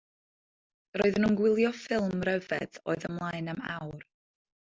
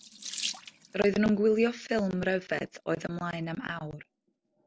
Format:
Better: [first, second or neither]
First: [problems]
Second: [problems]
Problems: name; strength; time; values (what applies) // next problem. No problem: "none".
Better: first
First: none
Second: background sound (Sink (filling or washing) / Water tap, faucet); 15 dB below the speech